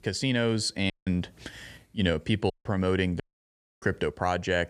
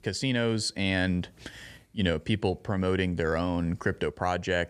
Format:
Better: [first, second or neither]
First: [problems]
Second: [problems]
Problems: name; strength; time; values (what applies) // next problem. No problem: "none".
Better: second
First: audio cutting out; at 1 s, at 2.5 s and at 3 s for 0.5 s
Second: none